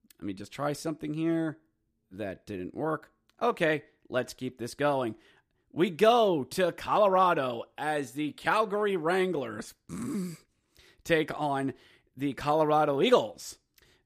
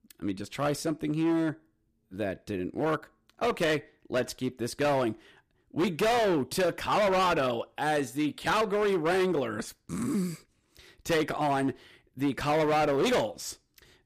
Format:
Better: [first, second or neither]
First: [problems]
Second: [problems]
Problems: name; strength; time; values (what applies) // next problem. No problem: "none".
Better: first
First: none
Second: distortion; heavy; 12% of the sound clipped